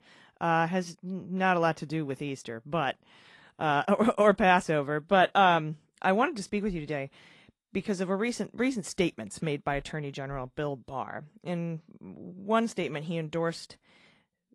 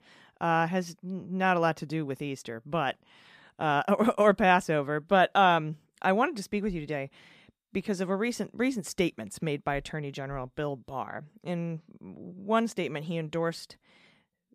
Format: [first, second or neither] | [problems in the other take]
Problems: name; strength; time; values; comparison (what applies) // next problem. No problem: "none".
second | garbled, watery; slightly; nothing above 11 kHz